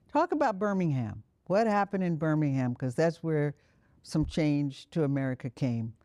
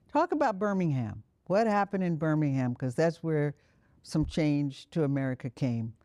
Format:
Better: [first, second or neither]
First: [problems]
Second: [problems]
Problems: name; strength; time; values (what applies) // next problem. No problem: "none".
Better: neither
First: none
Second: none